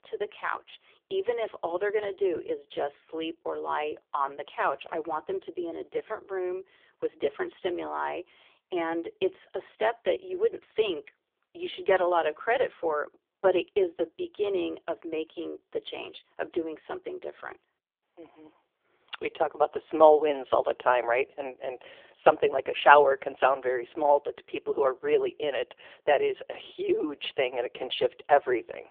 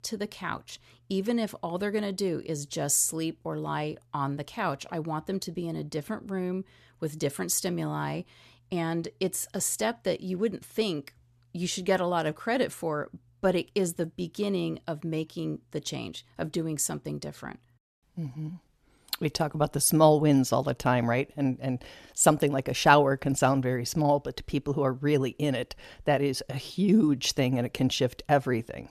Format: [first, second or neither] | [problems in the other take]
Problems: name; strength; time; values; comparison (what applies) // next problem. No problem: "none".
second | phone-call audio; poor line